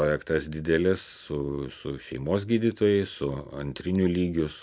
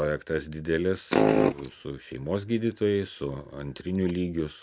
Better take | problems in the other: first | noise reduction (neural mask model RNNoise)

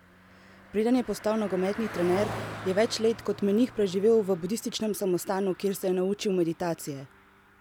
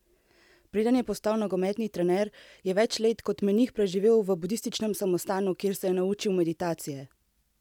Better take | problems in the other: second | background sound (Car passing by); 15 dB below the speech

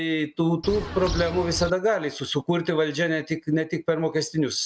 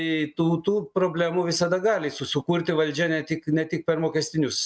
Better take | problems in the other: second | background sound (Bird); 6 dB below the speech

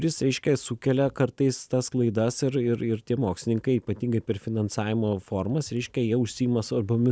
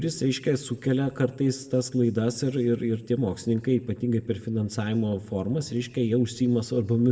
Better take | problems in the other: first | room echo; dies away in 1.3 s

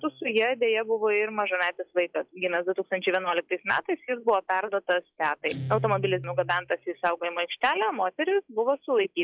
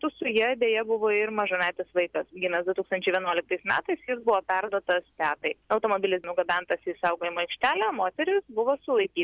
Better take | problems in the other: second | noise reduction (classical method log-MMSE)

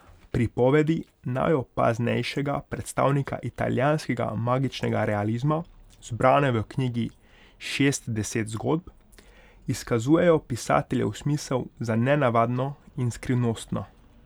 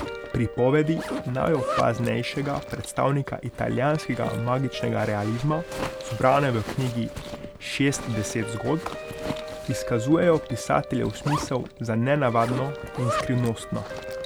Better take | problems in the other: first | background sound (Zipper (clothing) + Guitar); 8 dB below the speech

